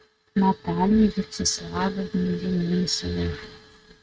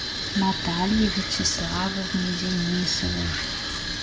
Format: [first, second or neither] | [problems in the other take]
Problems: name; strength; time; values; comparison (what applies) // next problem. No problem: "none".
second | noise reduction (neural mask model RNNoise)